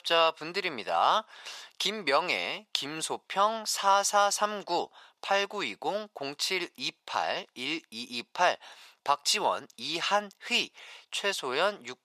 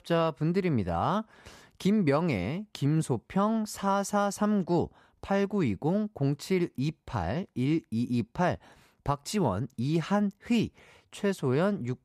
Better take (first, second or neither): second